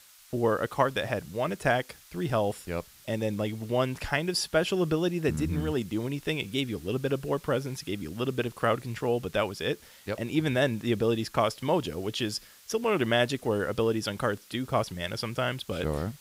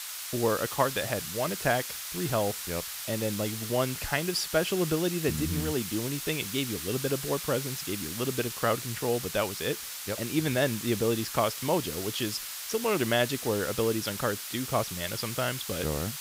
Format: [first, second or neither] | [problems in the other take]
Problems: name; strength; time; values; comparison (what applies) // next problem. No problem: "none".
first | hiss; loud; throughout; 5 dB below the speech; faint in the first